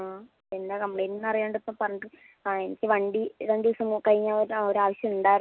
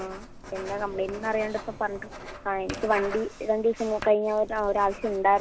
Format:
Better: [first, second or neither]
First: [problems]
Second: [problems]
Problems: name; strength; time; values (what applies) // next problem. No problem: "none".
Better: first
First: none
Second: background sound (Writing); 13 dB below the speech